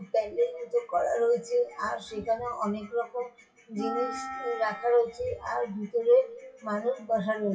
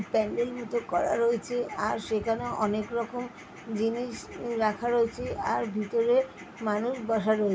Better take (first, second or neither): second